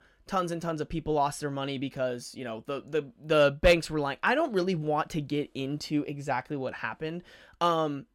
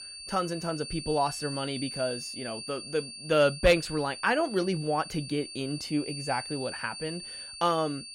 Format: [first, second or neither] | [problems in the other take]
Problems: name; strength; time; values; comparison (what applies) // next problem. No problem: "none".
first | high-pitched whine; loud; throughout; 4.5 kHz, 9 dB below the speech